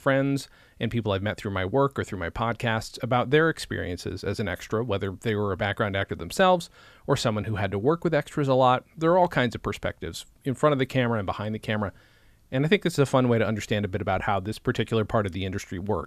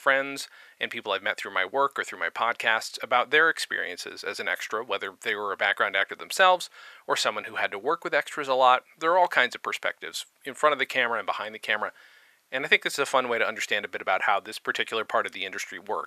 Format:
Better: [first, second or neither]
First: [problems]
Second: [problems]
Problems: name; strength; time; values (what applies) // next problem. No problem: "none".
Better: first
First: none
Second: thin; very; fading below 700 Hz